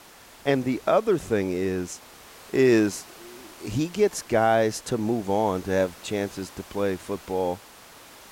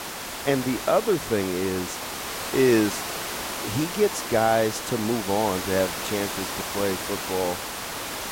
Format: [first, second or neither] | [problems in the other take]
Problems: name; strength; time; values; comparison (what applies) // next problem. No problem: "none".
first | hiss; loud; throughout; 5 dB below the speech; faint in the first